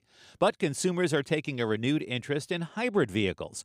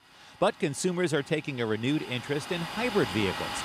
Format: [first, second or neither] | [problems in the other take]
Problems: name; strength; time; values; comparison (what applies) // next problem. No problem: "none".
first | household noises; loud; throughout; 8 dB below the speech